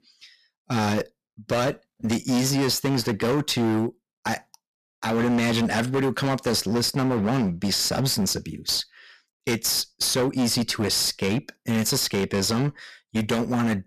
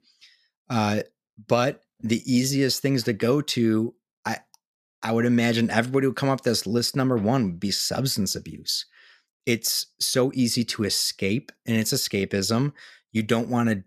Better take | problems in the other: second | distortion; heavy; 19% of the sound clipped

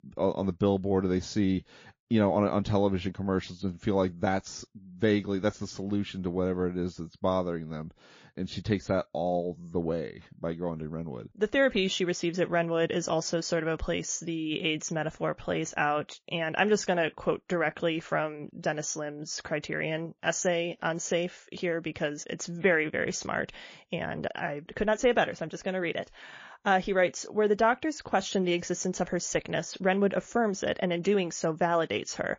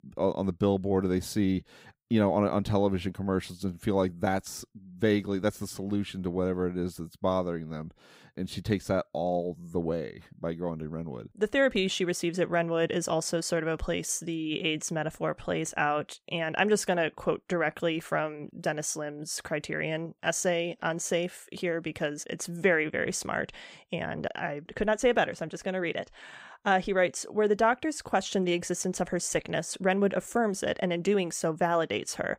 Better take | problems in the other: second | garbled, watery; slightly

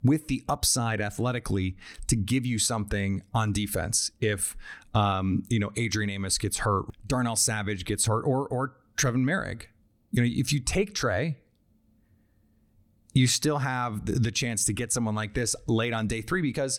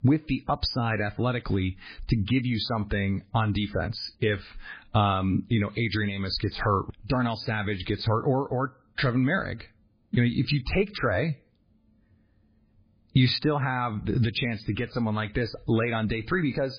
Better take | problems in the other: first | garbled, watery; badly

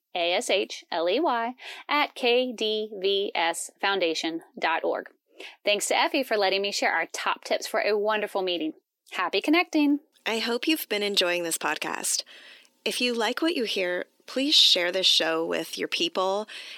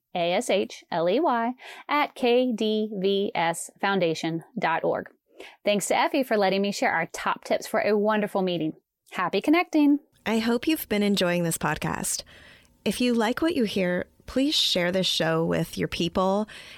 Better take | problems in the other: second | thin; very slightly; fading below 300 Hz

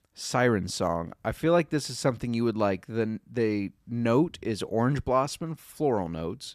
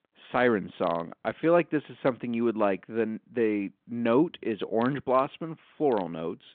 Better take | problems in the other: first | phone-call audio; nothing above 4 kHz

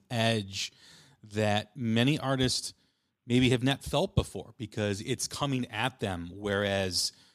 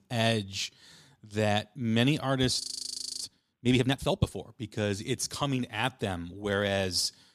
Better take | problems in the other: first | audio freezing; at 2.5 s for 0.5 s

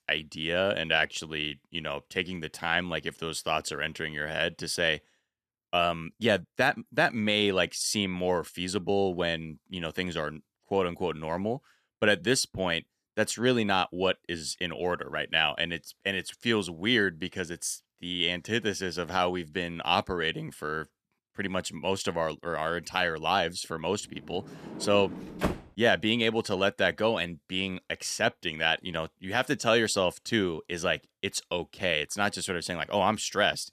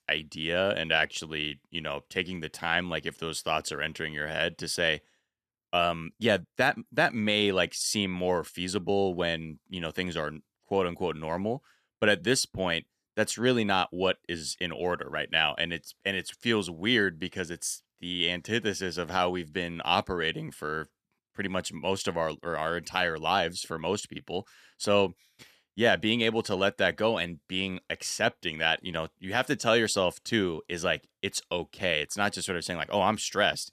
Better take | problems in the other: second | door banging; noticeable; at 25 s; peak 4 dB below the speech

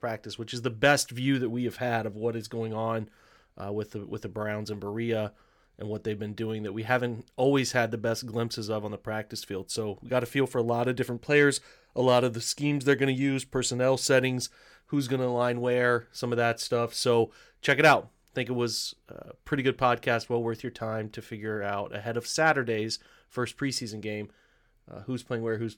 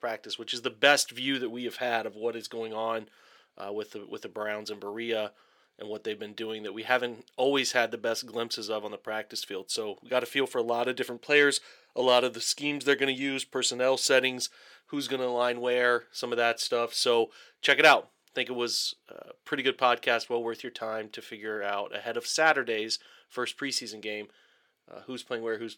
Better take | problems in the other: first | thin; somewhat; fading below 350 Hz

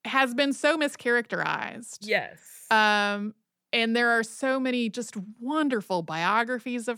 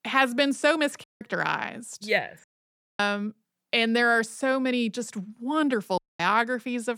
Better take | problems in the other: first | audio cutting out; at 1 s, at 2.5 s for 0.5 s and at 6 s

